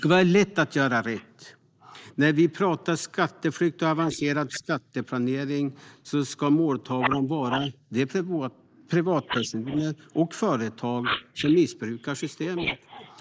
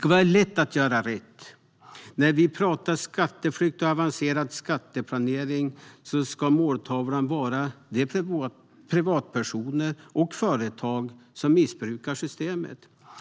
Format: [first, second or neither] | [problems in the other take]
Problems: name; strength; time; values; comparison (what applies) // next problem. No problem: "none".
second | noise reduction (neural mask model Resemble Enhance denoiser)